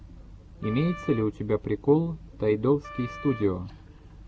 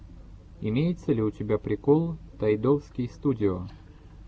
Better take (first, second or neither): second